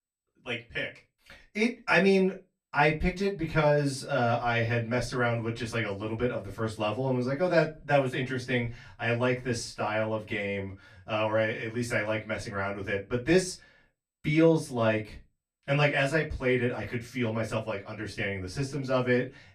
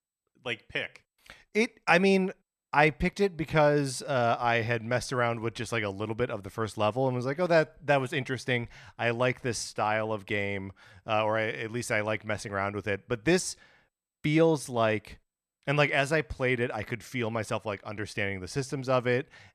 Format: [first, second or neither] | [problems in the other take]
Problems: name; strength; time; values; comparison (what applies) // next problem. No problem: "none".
second | off-mic speech; far // room echo; very slight; dies away in 0.2 s